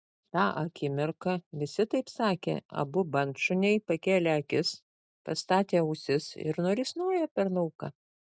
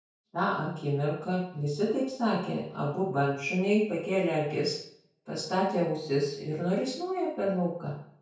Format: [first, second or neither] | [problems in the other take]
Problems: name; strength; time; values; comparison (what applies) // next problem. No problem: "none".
first | room echo; dies away in 0.5 s